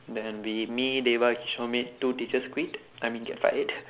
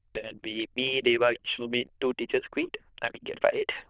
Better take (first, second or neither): first